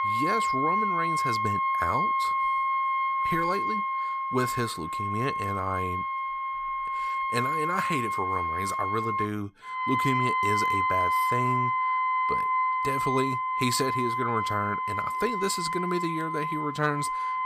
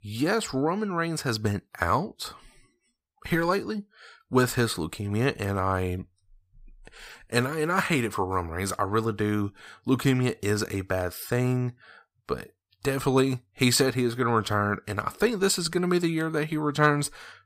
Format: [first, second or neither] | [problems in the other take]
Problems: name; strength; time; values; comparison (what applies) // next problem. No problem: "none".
second | background music; very loud; throughout; 4 dB above the speech